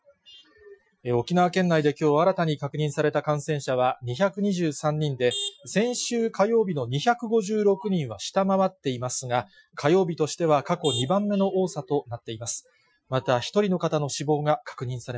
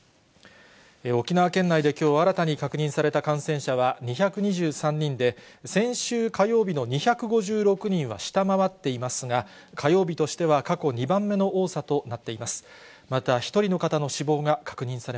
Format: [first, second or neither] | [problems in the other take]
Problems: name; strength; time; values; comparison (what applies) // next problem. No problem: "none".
second | noise reduction (classical method Wiener filter)